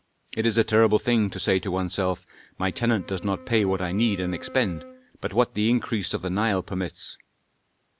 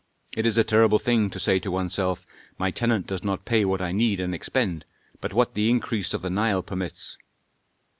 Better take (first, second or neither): second